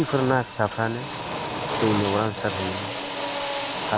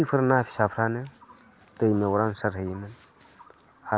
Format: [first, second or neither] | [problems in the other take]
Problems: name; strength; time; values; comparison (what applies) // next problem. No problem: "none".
second | background sound (Drill); 3 dB below the speech